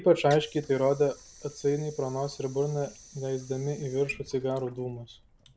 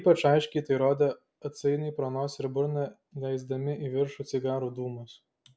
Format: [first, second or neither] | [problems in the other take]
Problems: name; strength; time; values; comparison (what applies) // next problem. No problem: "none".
second | background sound (Sink (filling or washing) / Water); 19 dB below the speech